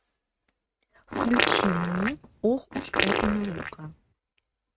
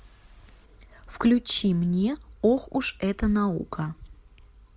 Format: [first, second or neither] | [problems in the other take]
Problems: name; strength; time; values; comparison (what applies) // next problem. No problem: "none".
second | noise reduction (neural mask model RNNoise)